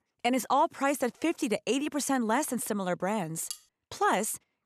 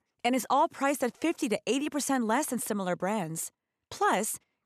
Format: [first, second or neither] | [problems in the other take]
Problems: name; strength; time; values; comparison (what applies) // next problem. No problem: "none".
second | clattering dishes; faint; at 3.5 s; peak 10 dB below the speech